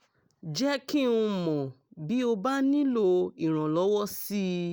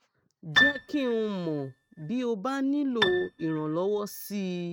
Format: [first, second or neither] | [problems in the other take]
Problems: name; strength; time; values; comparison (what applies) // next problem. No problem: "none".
first | noise reduction (neural mask model RNNoise)